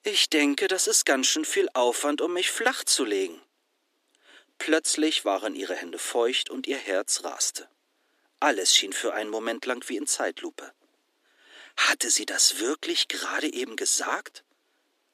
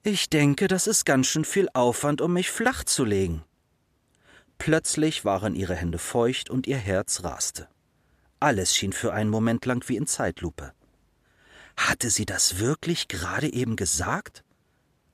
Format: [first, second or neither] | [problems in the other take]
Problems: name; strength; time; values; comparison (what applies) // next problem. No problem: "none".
second | thin; somewhat; fading below 300 Hz